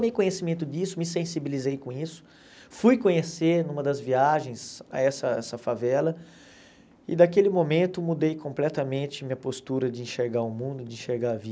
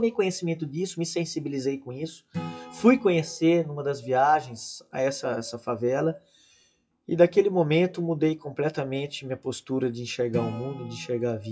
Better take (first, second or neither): first